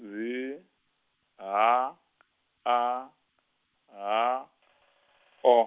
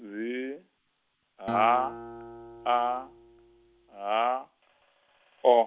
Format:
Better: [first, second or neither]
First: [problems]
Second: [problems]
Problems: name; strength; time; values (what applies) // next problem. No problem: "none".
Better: first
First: none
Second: background sound (Acoustic guitar); 13 dB below the speech